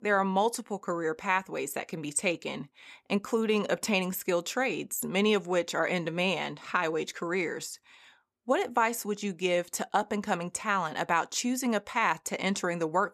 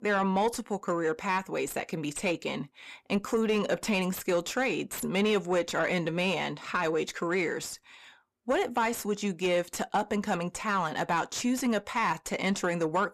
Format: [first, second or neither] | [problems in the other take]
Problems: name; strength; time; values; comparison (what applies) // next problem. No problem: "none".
first | distortion; slight; 10 dB below the speech